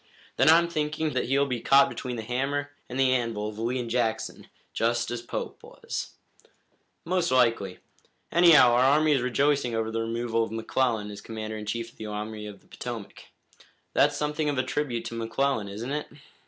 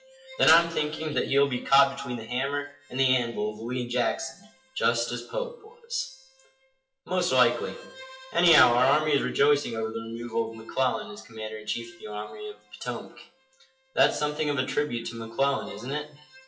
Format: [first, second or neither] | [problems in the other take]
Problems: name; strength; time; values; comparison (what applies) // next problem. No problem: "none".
first | noise reduction (classical method WPE with log-MMSE)